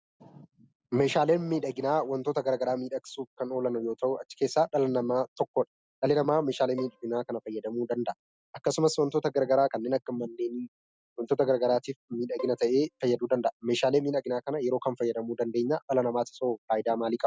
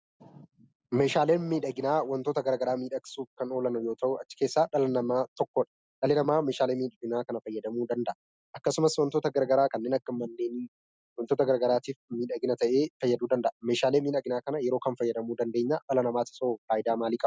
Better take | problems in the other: second | background sound (Bowed string instrument); 20 dB below the speech

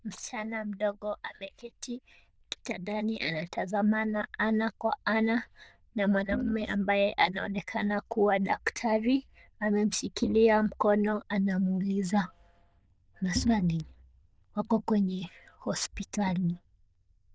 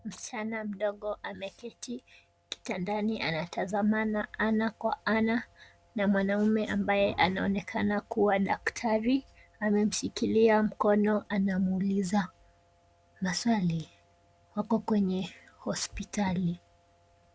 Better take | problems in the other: second | noise reduction (neural diffusion model UNIVERSE++)

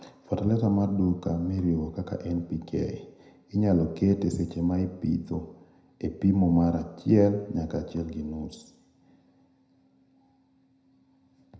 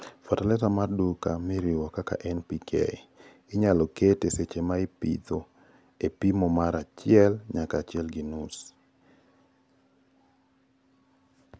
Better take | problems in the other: second | room echo; dies away in 0.7 s

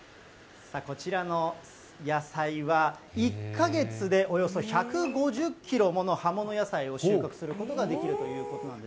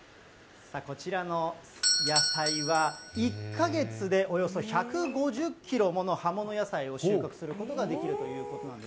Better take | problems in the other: first | background sound (Doorbell); 6 dB below the speech

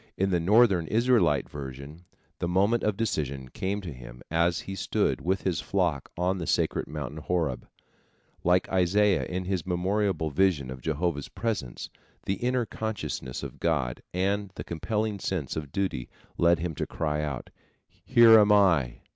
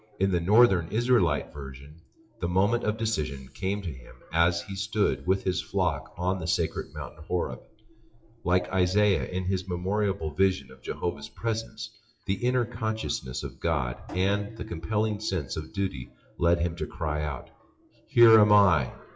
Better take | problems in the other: first | noise reduction (classical method WPE with log-MMSE)

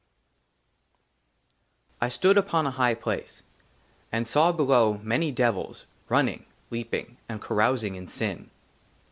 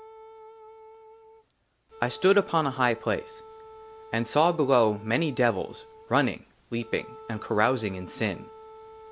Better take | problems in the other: first | background sound (Wind instrument, woodwind instrument); 19 dB below the speech

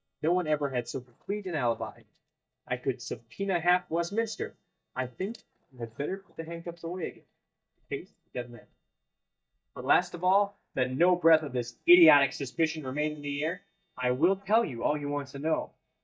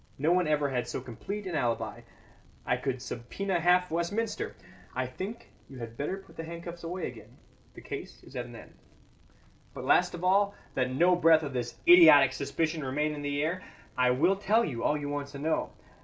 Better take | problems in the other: second | noise reduction (neural mask model DeepFilterNet 3)

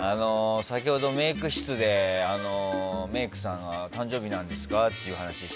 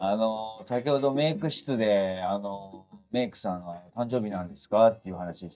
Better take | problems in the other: first | noise reduction (neural mask model DeepFilterNet 3)

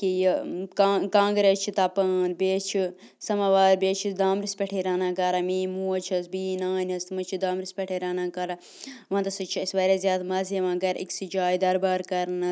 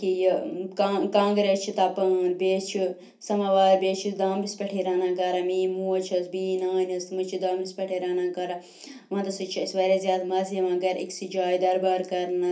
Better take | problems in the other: first | room echo; dies away in 0.3 s

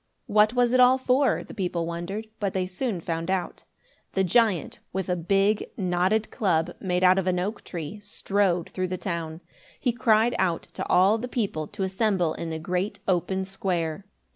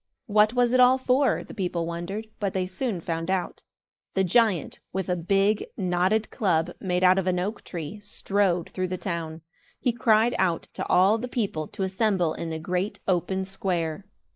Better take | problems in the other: first | noise reduction (neural mask model Resemble Enhance denoiser)

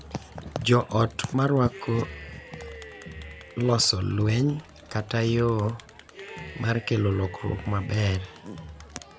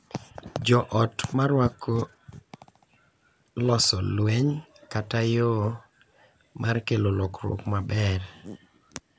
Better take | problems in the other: second | background sound (Cheering + Crowd); 16 dB below the speech

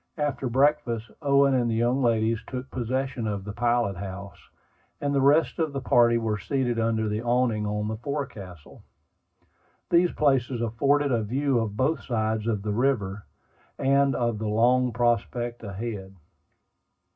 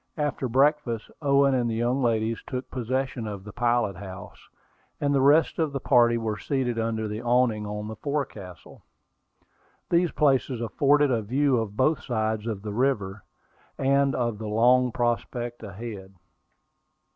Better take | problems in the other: second | room echo; dies away in 0.4 s

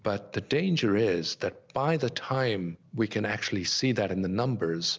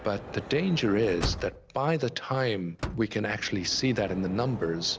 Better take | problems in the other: first | background sound (Sliding door / Motor vehicle (road)); 11 dB below the speech

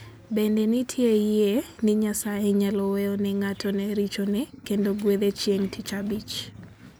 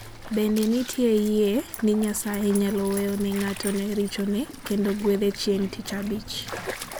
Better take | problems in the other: first | background sound (Stream); 14 dB below the speech

